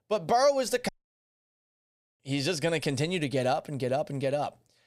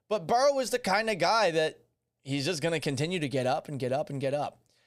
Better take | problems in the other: second | audio cutting out; at 1 s for 1.5 s

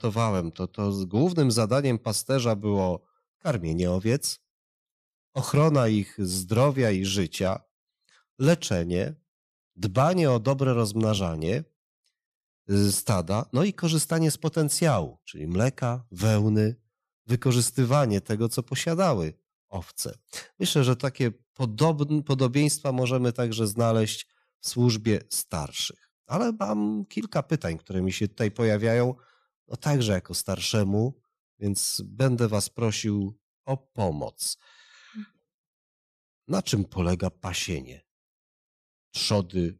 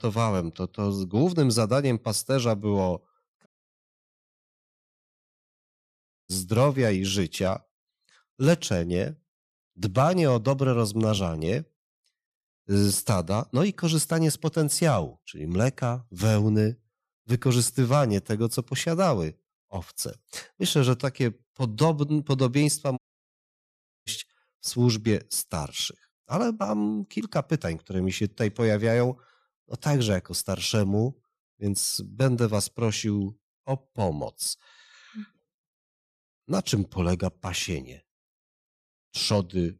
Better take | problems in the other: first | audio cutting out; at 3.5 s for 3 s and at 23 s for 1 s

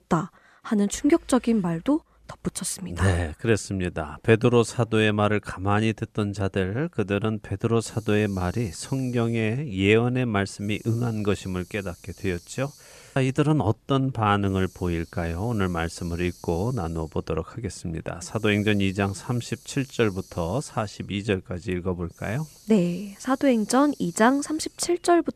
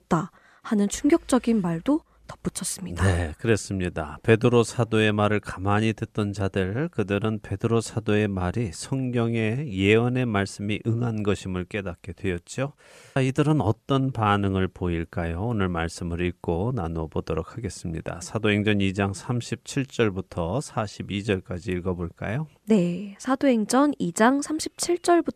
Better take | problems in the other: second | hiss; faint; from 8 s on; 25 dB below the speech

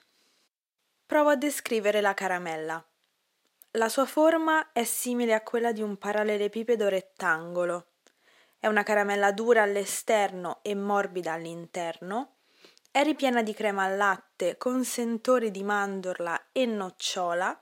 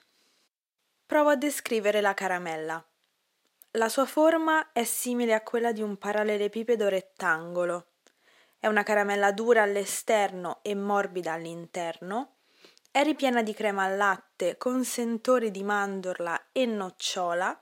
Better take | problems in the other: neither | thin; somewhat; fading below 400 Hz; the same in both

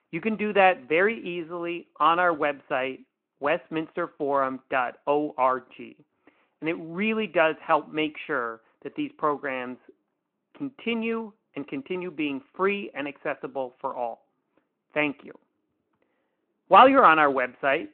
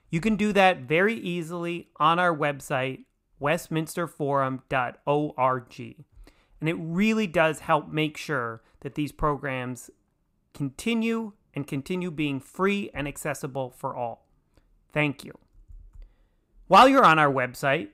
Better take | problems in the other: second | phone-call audio

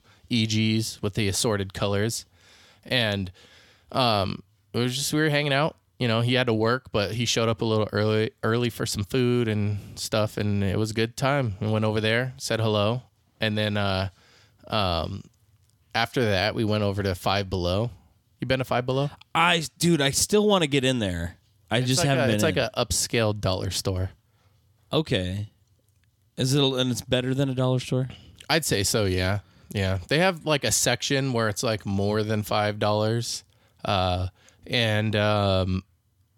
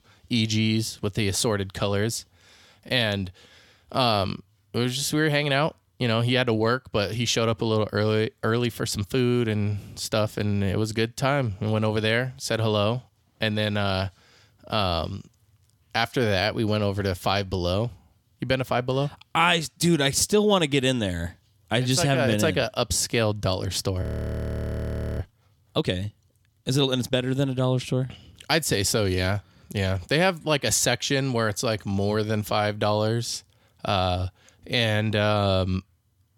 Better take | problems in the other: first | audio freezing; at 24 s for 1 s

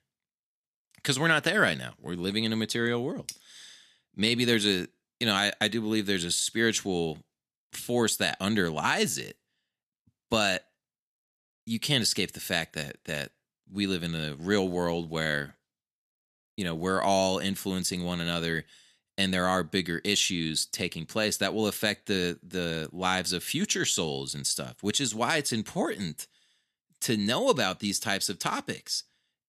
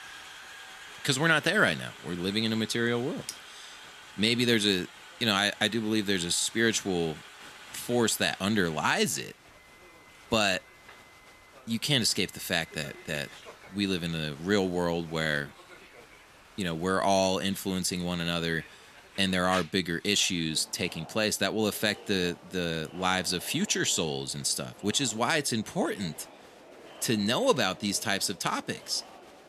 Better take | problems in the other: first | crowd noise; noticeable; throughout; 20 dB below the speech

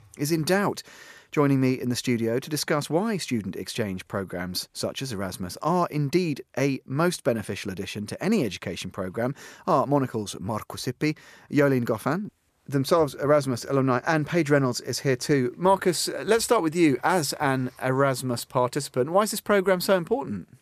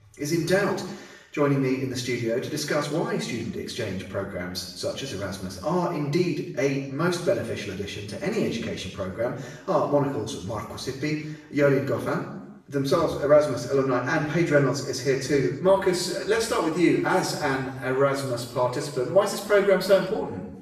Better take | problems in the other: first | room echo; noticeable; dies away in 0.7 s // off-mic speech; far

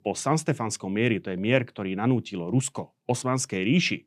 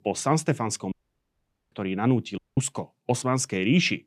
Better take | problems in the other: first | audio cutting out; at 1 s for 1 s and at 2.5 s

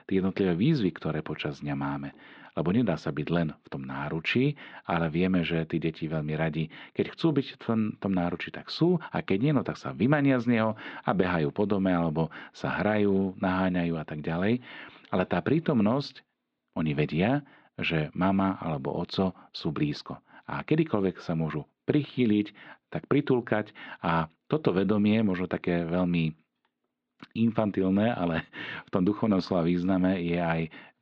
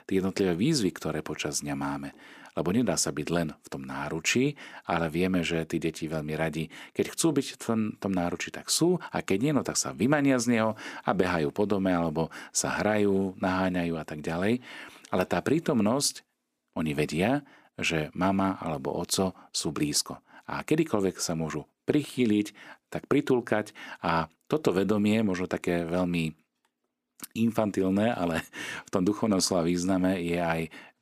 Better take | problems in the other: second | muffled; slightly; fading above 4 kHz

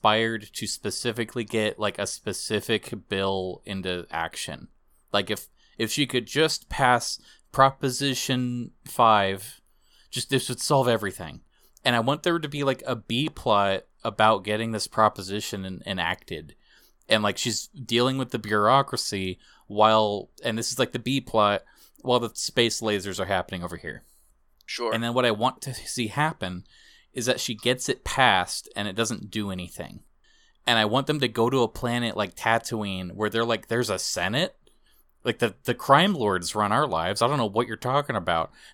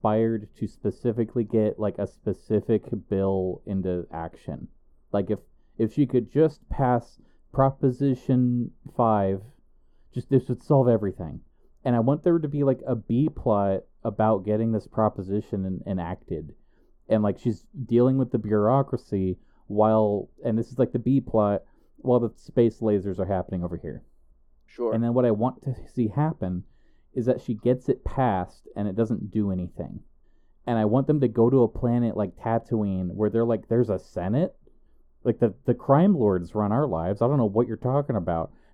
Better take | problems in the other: first | muffled; very; fading above 1.5 kHz

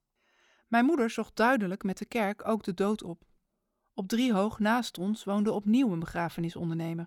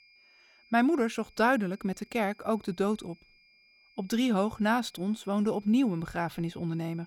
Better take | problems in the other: first | high-pitched whine; faint; throughout; 2.5 kHz, 30 dB below the speech

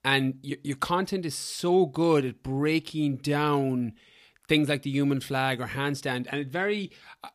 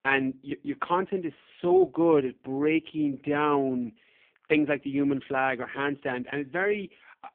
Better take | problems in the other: first | phone-call audio; poor line

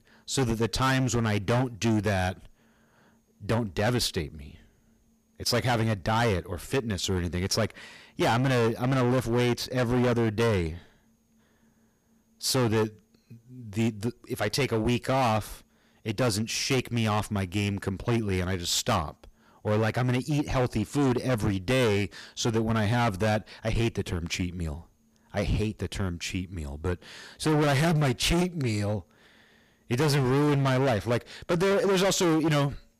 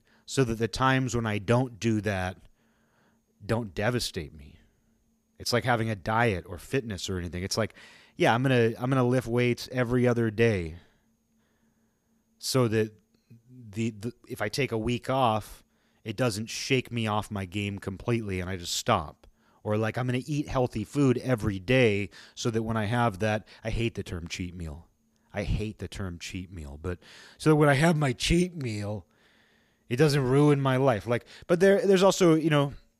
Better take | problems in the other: second | distortion; heavy; 16% of the sound clipped

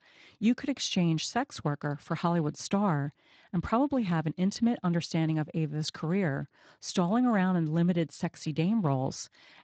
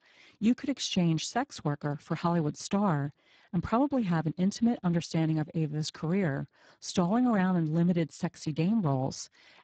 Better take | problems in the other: first | garbled, watery; badly; nothing above 7.5 kHz; slightly in the first

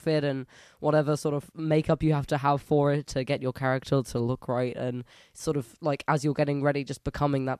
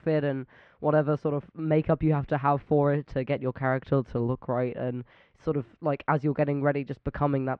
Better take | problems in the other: first | muffled; very; fading above 2.5 kHz

